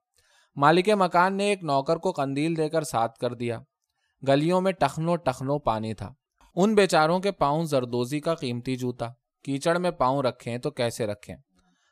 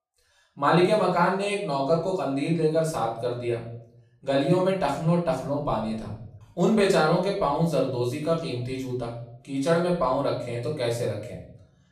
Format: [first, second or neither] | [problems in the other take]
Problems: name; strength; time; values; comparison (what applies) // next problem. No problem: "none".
first | off-mic speech; far // room echo; noticeable; dies away in 0.6 s